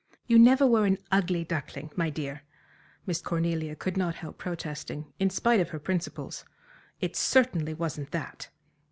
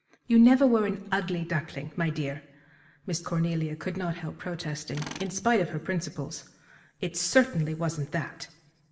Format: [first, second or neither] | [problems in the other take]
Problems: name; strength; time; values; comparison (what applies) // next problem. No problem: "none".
first | background sound (Tools); 19 dB below the speech // room echo; dies away in 0.7 s